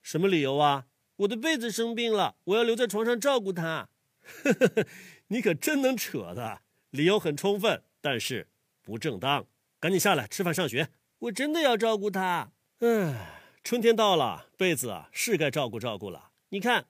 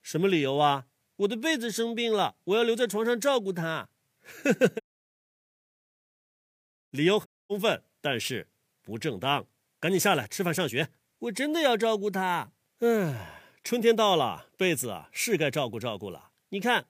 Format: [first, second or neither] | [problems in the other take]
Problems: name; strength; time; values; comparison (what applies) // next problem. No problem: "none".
first | audio cutting out; at 5 s for 2 s and at 7.5 s